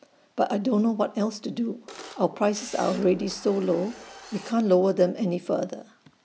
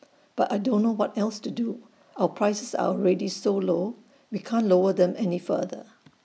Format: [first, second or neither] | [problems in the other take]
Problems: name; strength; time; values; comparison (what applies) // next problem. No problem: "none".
second | background sound (Camera); 18 dB below the speech